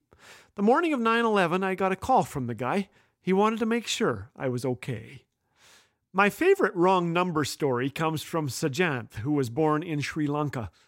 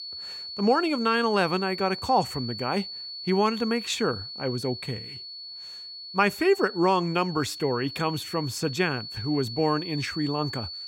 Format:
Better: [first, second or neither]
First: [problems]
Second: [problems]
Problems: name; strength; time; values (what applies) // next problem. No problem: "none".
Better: first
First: none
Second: high-pitched whine; loud; throughout; 4.5 kHz, 9 dB below the speech